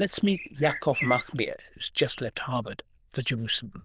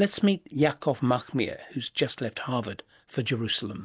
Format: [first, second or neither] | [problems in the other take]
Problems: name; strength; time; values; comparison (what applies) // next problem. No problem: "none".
second | noise reduction (neural diffusion model UNIVERSE++)